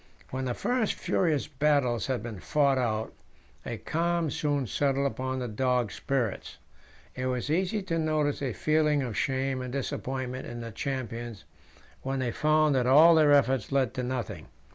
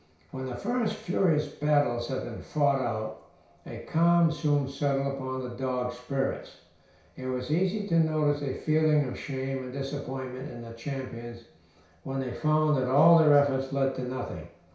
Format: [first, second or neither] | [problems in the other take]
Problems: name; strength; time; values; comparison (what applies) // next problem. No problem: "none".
first | room echo; dies away in 0.6 s